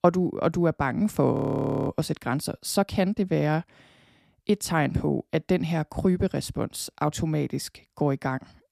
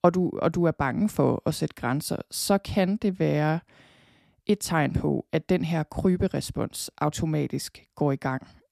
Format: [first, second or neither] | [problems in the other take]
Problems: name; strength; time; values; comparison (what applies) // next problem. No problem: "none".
second | audio freezing; at 1.5 s for 0.5 s